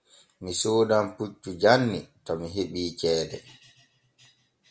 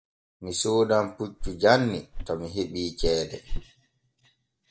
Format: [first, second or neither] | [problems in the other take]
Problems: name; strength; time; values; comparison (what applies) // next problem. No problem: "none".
first | noise reduction (neural mask model DeepFilterNet 3)